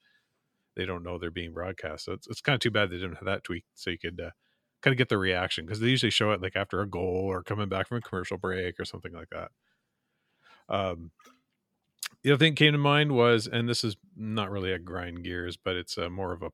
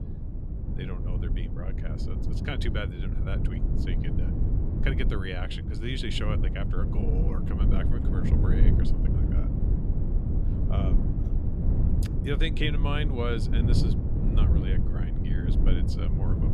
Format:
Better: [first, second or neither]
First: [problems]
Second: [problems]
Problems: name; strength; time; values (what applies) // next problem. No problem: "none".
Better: first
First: none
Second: low rumble; loud; throughout; 3 dB below the speech